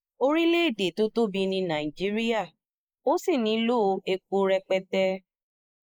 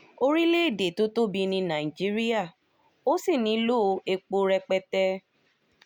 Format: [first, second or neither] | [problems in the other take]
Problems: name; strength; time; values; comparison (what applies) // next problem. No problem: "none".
second | noise reduction (neural mask model Resemble Enhance denoiser)